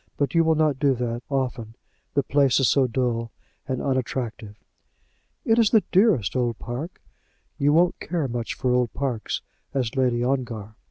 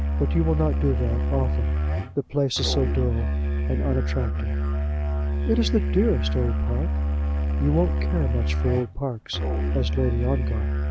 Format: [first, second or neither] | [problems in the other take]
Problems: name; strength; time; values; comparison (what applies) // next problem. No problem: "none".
first | background sound (Musical instrument); 3 dB above the speech